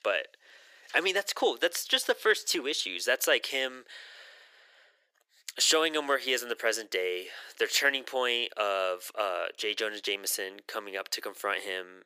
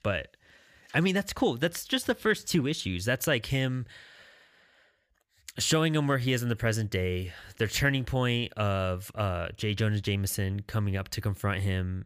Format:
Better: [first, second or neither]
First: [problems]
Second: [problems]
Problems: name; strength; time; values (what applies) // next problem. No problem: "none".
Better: second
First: thin; very; fading below 400 Hz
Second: none